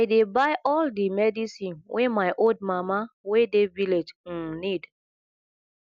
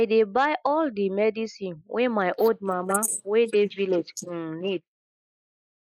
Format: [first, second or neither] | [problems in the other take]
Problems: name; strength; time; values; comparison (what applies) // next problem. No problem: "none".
first | noise reduction (neural mask model Resemble Enhance denoiser)